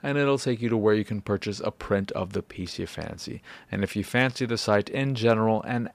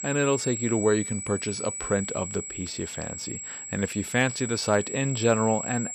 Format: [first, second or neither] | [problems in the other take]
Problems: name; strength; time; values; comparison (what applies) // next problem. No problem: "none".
first | high-pitched whine; loud; throughout; 7.5 kHz, 6 dB below the speech